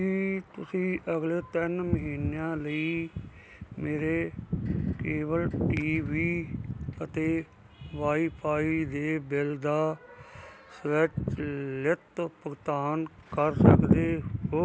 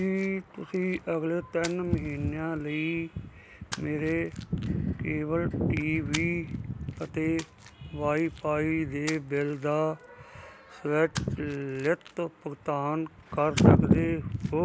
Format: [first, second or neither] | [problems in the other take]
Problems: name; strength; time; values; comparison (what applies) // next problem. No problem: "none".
first | background sound (Splash, splatter); 19 dB below the speech